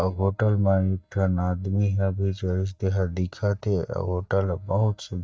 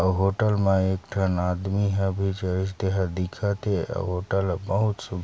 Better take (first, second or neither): second